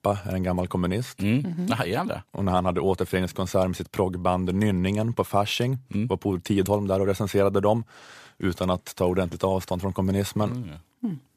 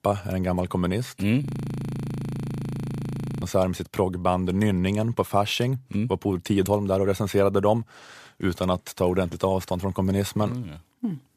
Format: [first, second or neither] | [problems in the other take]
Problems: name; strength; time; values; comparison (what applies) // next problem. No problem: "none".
first | audio freezing; at 1.5 s for 2 s